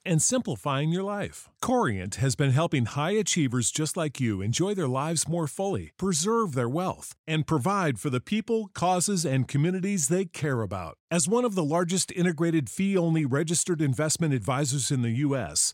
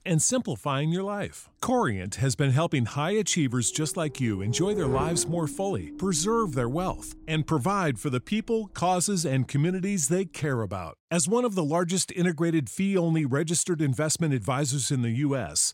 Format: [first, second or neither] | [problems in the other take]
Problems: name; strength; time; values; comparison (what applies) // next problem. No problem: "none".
first | low rumble; noticeable; until 11 s; 10 dB below the speech